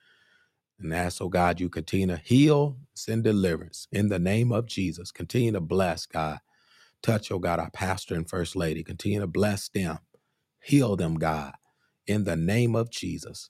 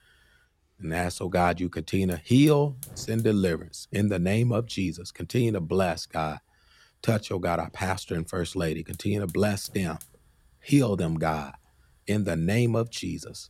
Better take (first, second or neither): first